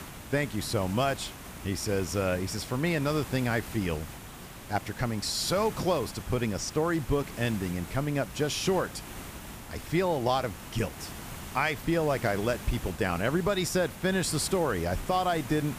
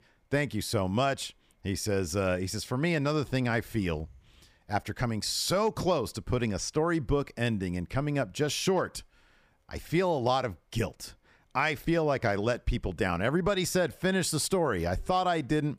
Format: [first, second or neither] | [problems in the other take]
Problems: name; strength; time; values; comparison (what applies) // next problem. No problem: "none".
second | hiss; noticeable; throughout; 15 dB below the speech